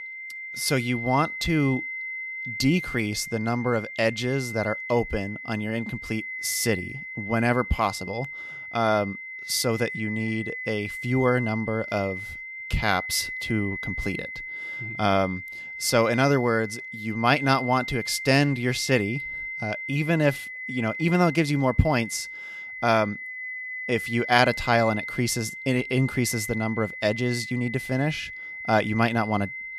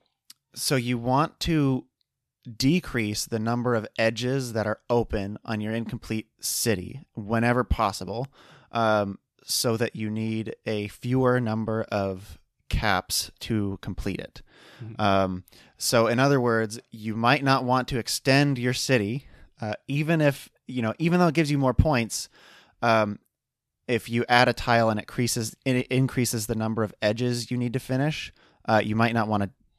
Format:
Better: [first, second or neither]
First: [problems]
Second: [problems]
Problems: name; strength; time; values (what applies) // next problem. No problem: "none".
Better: second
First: high-pitched whine; loud; throughout; 2 kHz, 8 dB below the speech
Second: none